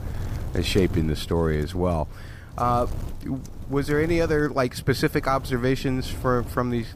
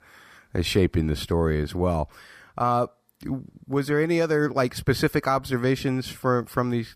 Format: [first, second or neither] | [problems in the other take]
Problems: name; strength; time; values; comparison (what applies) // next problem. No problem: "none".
second | wind noise on the microphone; occasional gusts; 20 dB below the speech